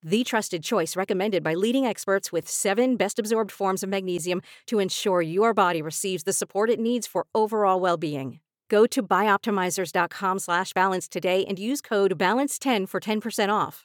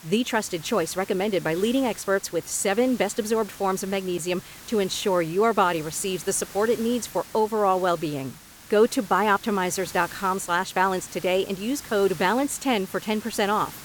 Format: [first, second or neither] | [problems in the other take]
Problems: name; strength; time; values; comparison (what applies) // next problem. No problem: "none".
first | hiss; noticeable; throughout; 15 dB below the speech